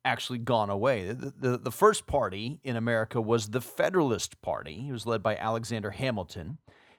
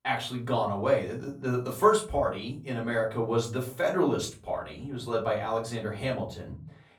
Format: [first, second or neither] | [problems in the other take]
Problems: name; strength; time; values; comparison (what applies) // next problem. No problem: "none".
first | room echo; very slight; dies away in 0.3 s // off-mic speech; far